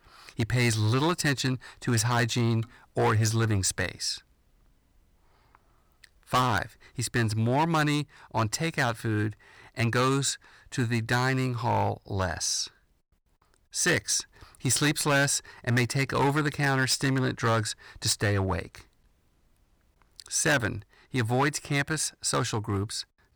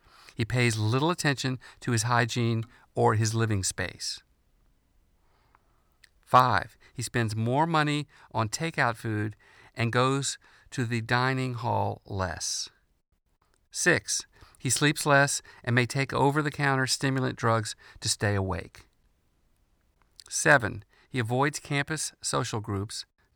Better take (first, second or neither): second